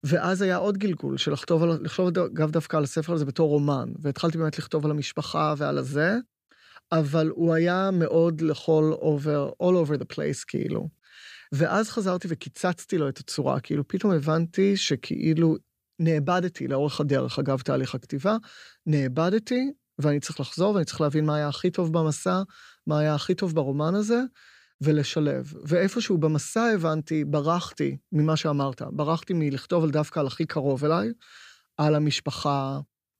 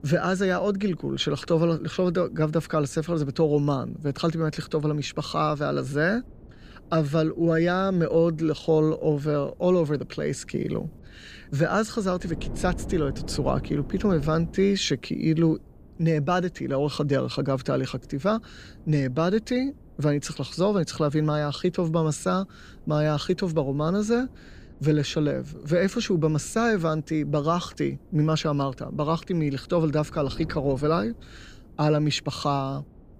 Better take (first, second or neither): first